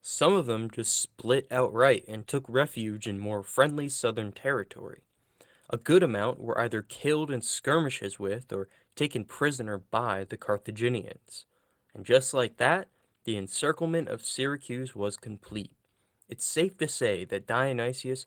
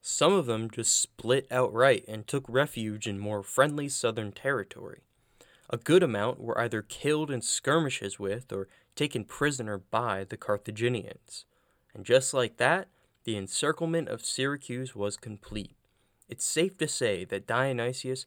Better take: second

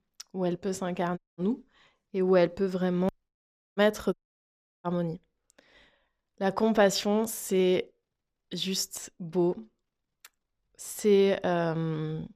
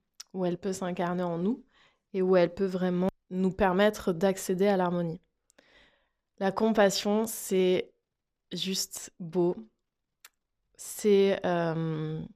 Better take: second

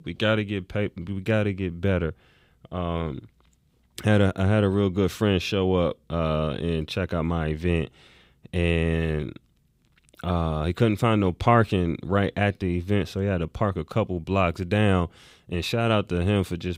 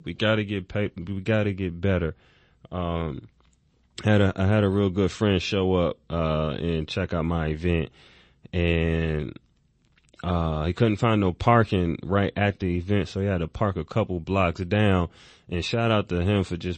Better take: first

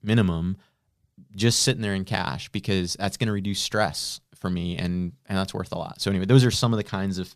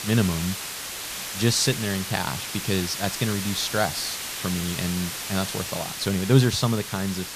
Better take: first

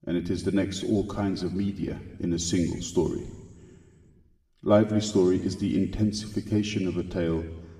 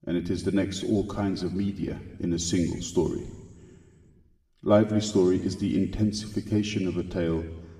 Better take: neither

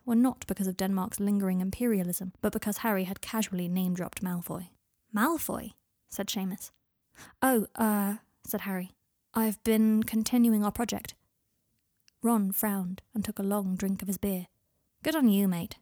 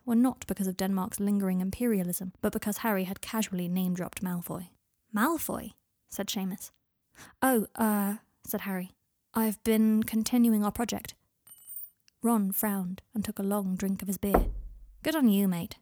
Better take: first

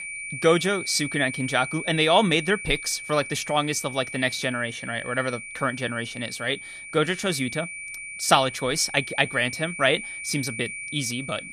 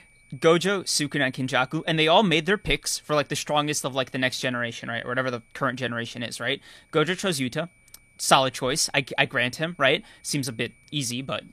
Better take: second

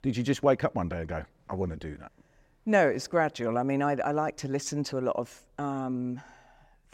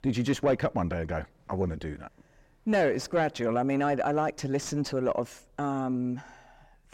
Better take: first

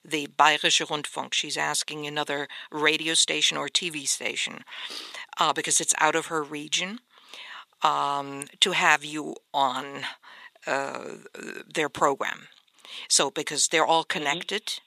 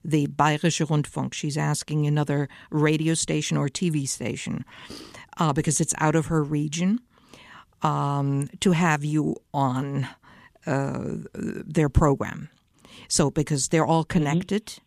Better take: second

